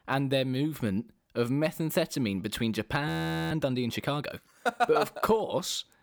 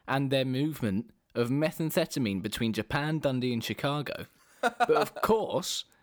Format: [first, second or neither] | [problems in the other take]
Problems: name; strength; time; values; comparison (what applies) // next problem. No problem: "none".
second | audio freezing; at 3 s